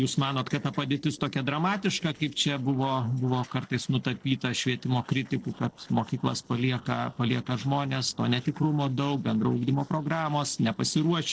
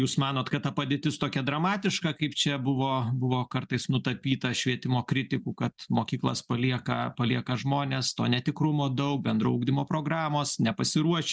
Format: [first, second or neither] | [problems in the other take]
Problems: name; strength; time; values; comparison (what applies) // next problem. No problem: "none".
second | noise reduction (neural separator model SepFormer DNS4)